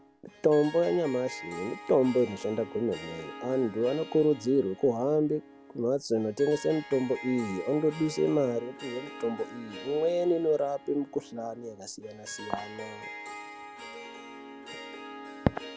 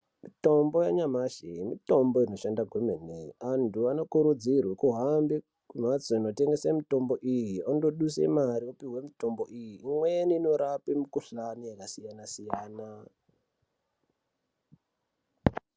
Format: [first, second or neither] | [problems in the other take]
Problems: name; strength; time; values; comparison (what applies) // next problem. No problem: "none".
second | background sound (Harp); 15 dB below the speech